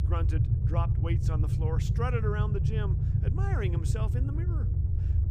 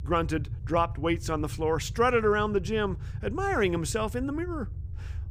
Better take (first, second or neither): second